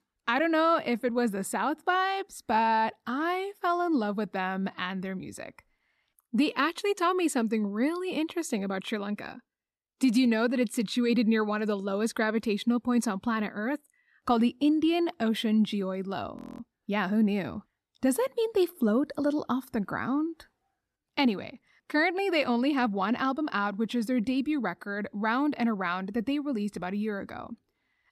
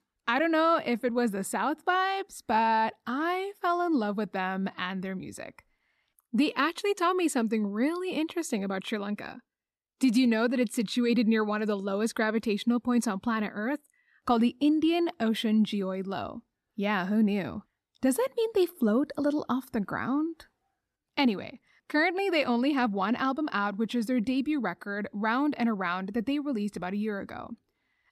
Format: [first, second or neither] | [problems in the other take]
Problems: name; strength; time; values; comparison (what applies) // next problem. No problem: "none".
second | audio freezing; at 16 s